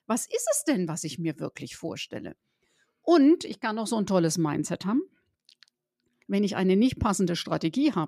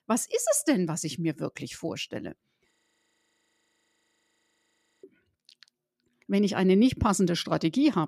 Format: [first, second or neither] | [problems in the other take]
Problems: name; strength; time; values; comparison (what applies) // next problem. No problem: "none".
first | audio freezing; at 2.5 s for 2.5 s